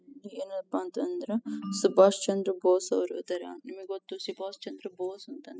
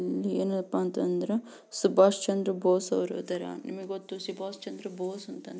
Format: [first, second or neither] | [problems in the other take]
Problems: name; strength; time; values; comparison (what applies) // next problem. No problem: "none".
second | noise reduction (classical method spectral subtraction)